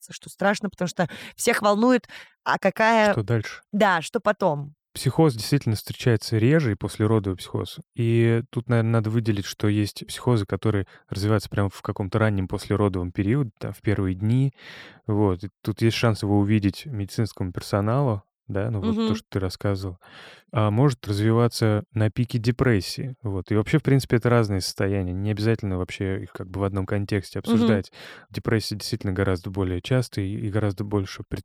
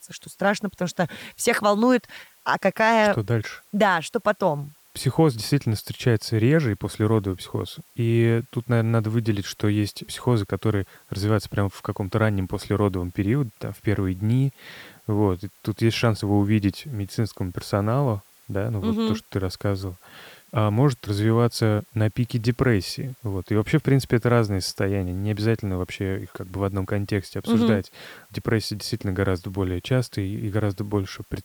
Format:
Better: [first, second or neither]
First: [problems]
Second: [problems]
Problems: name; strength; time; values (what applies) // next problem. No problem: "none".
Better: first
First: none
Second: hiss; faint; throughout; 30 dB below the speech